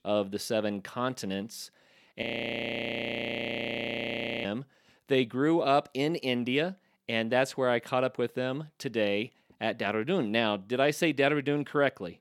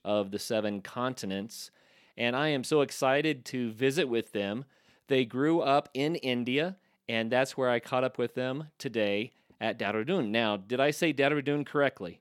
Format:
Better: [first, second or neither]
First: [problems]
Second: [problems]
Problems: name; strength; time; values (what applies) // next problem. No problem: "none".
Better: second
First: audio freezing; at 2 s for 2 s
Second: none